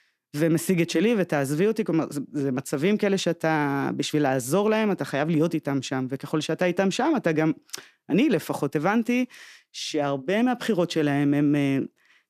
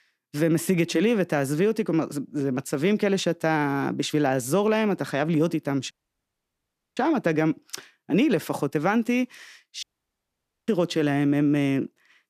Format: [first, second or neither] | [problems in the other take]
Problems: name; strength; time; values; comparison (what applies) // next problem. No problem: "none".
first | audio cutting out; at 6 s for 1 s and at 10 s for 1 s